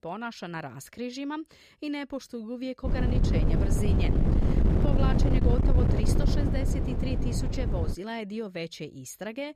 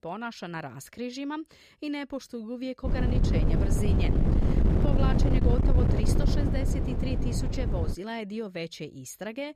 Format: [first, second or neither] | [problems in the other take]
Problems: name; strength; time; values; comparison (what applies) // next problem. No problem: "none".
neither | wind noise on the microphone; heavy; from 3 to 8 s; 1 dB above the speech; the same in both